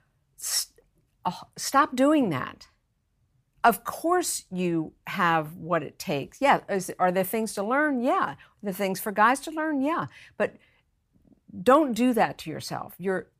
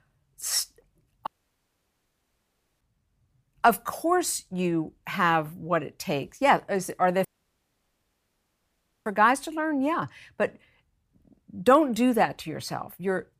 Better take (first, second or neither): first